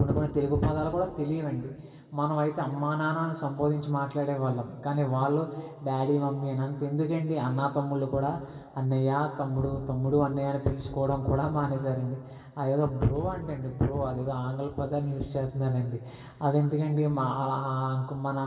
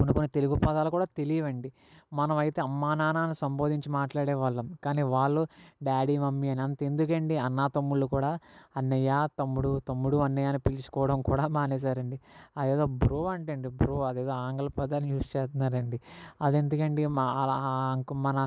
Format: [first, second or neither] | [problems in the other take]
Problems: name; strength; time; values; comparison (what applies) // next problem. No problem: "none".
second | room echo; dies away in 2.4 s